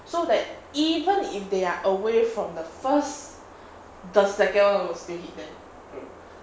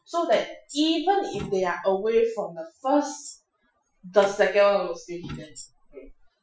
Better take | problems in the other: first | noise reduction (classical method Wiener filter)

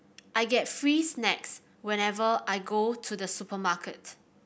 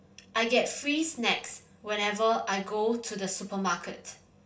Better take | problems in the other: first | room echo; dies away in 0.3 s

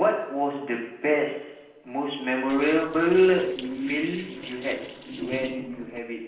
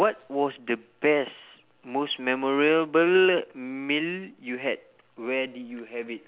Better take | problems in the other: second | noise reduction (neural separator model SepFormer DNS4)

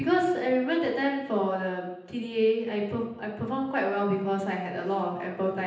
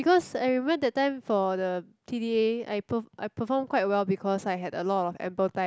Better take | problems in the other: second | room echo; dies away in 0.9 s

